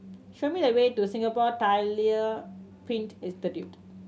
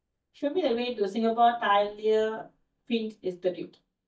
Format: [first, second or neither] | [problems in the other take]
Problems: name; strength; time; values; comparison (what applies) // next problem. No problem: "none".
first | noise reduction (neural mask model DeepFilterNet 3)